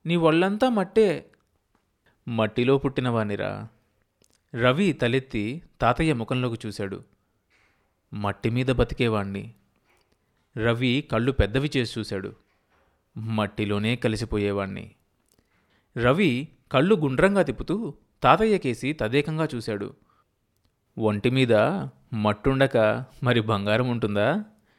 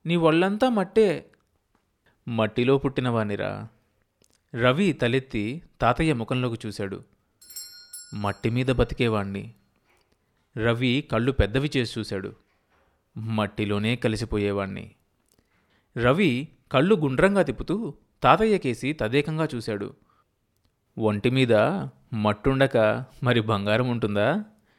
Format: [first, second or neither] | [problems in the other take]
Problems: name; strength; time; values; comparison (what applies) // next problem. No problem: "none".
first | doorbell; faint; at 7.5 s; peak 15 dB below the speech